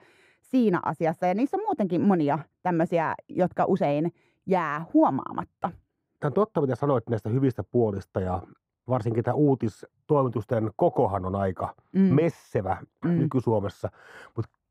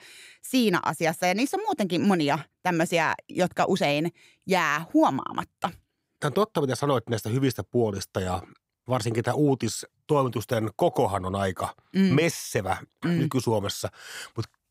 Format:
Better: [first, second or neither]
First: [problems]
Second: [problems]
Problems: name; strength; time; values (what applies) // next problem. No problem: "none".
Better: second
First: muffled; very; fading above 2 kHz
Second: none